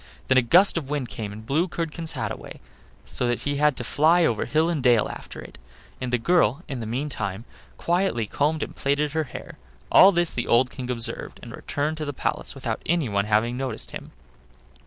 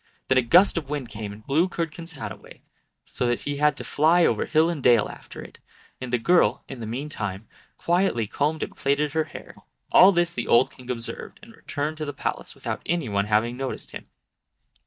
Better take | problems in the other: first | noise reduction (neural mask model DeepFilterNet 3)

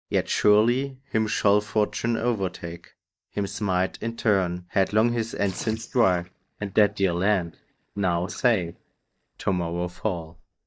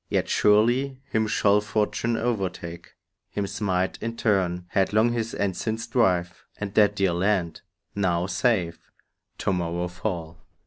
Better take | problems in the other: second | noise reduction (neural mask model DeepFilterNet 3)

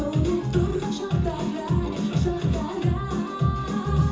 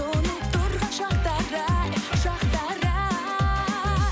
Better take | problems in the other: second | room echo; dies away in 0.6 s

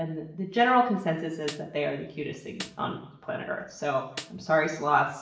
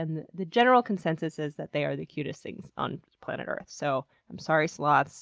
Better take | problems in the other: second | background sound (Snare drum); 16 dB below the speech // room echo; dies away in 0.7 s

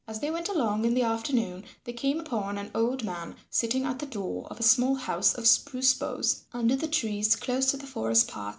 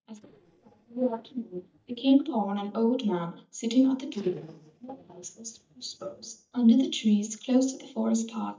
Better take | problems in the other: first | noise reduction (neural mask model DeepFilterNet 3)

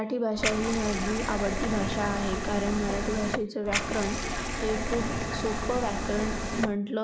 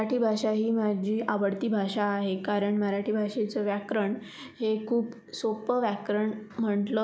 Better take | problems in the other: second | background sound (Liquid); as loud as the speech

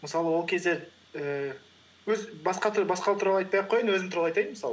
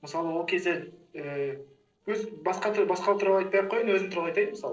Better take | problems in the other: first | noise reduction (neural separator model SepFormer DNS4)

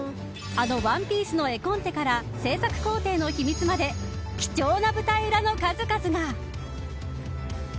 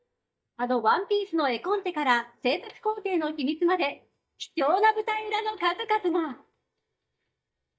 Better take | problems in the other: first | noise reduction (neural mask model DeepFilterNet 3)

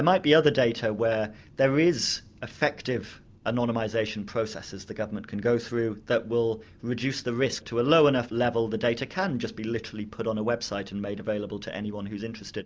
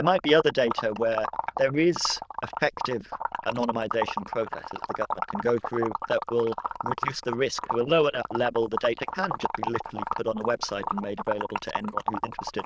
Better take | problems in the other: first | noise reduction (neural diffusion model UNIVERSE++)

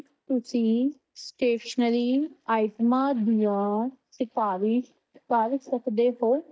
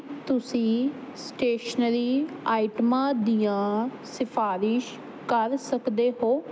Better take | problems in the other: second | noise reduction (neural mask model DeepFilterNet 3)

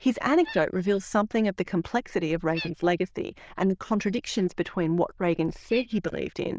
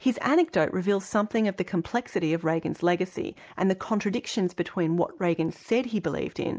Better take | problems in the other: second | noise reduction (neural diffusion model UNIVERSE++)

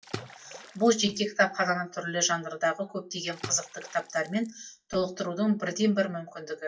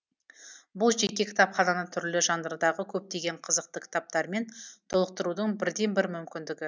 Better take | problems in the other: second | noise reduction (classical method WPE with log-MMSE)

